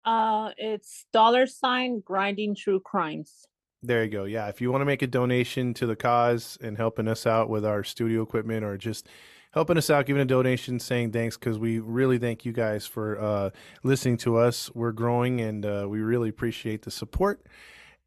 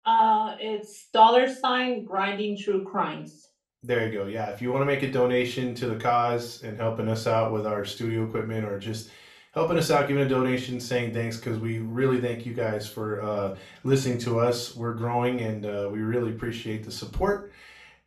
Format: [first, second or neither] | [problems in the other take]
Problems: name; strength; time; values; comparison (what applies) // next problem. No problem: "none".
first | room echo; slight; dies away in 0.3 s // off-mic speech; far